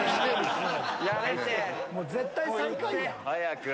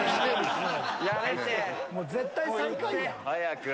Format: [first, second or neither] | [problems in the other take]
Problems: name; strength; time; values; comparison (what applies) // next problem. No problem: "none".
second | background sound (Bowed string instrument); 19 dB below the speech